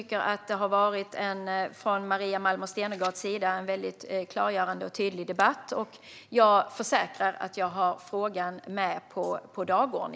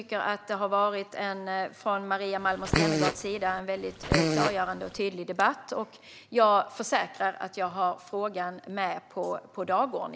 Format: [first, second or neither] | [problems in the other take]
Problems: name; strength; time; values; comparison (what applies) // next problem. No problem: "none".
first | background sound (Fart); as loud as the speech